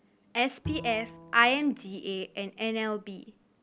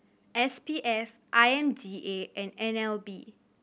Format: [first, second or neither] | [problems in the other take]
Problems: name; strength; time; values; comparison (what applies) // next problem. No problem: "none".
second | background sound (Bowed string instrument); 15 dB below the speech